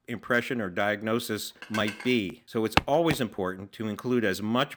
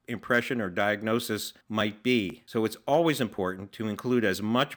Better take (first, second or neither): second